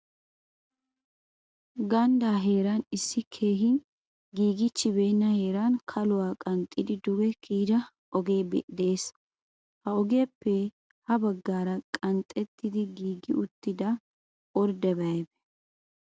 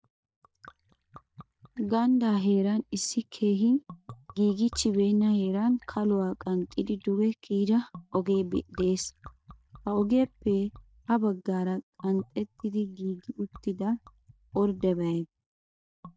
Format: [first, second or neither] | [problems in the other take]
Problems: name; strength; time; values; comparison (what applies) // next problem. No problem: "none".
first | noise reduction (neural mask model DeepFilterNet 3)